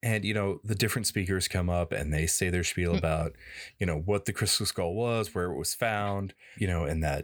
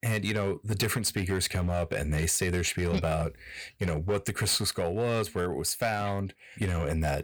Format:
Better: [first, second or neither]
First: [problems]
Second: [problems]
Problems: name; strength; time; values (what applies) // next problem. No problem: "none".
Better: first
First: none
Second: distortion; slight; 6% of the sound clipped